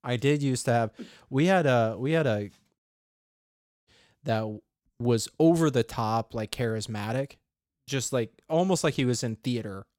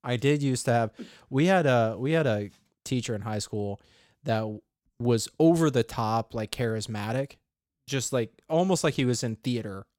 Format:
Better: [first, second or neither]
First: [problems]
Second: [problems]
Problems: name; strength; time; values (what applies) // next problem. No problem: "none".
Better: second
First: audio cutting out; at 3 s for 1 s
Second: none